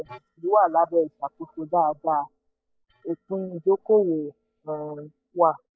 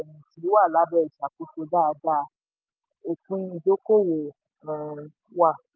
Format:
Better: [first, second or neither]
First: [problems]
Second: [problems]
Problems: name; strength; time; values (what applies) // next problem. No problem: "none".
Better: second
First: noise reduction (neural mask model DeepFilterNet 3)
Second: none